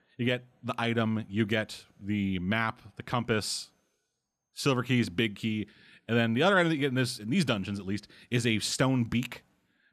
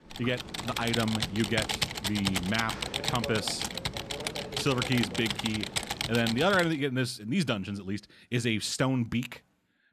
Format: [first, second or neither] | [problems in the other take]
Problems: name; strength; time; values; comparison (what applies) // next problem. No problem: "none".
first | keyboard typing; loud; until 6.5 s; peak 1 dB above the speech